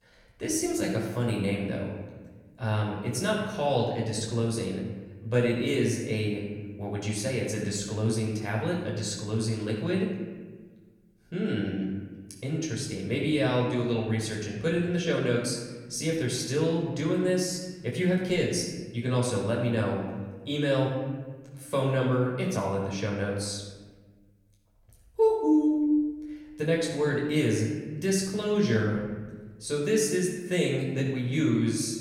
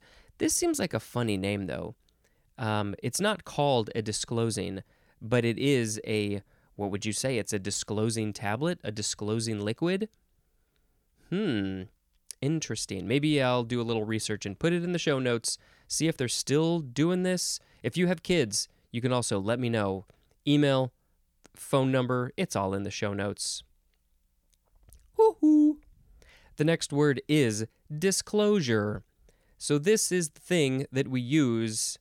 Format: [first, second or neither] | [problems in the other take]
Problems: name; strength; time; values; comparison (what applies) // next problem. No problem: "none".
second | off-mic speech; far // room echo; noticeable; dies away in 1.3 s